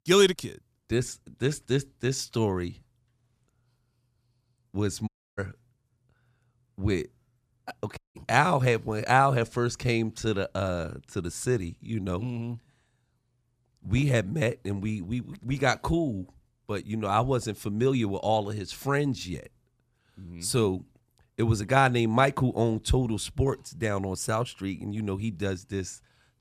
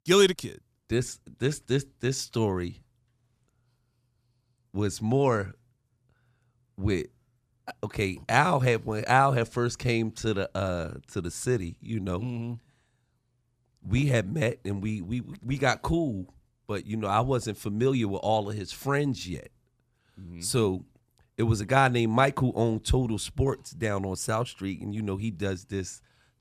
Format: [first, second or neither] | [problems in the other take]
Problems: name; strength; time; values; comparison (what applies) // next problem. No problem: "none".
second | audio cutting out; at 5 s and at 8 s